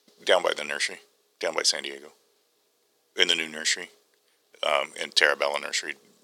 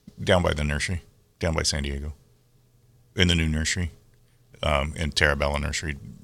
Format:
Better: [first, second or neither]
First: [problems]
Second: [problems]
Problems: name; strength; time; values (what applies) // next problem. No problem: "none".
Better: second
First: thin; very; fading below 350 Hz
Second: none